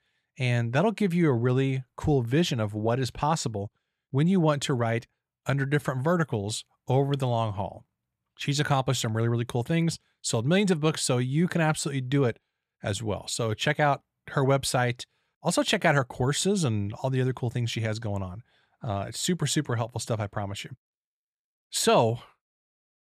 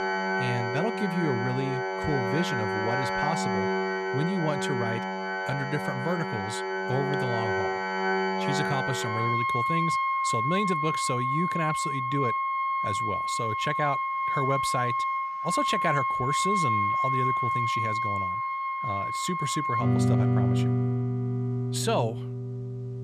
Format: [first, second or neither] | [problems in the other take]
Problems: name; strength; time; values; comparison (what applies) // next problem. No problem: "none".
first | background music; very loud; throughout; 4 dB above the speech